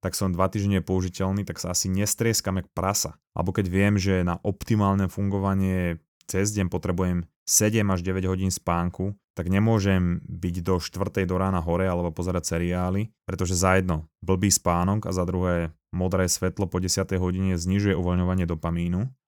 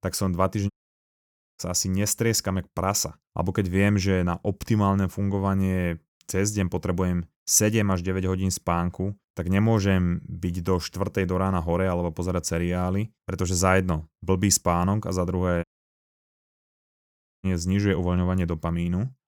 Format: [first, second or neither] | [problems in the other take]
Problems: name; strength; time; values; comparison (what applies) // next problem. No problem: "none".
first | audio cutting out; at 0.5 s for 1 s and at 16 s for 2 s